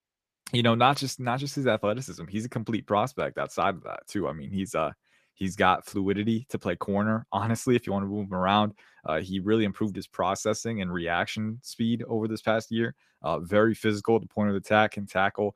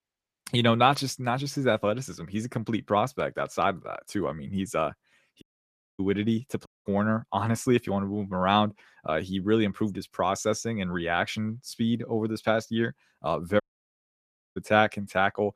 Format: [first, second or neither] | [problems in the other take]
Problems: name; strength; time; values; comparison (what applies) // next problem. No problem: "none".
first | audio cutting out; at 5.5 s for 0.5 s, at 6.5 s and at 14 s for 1 s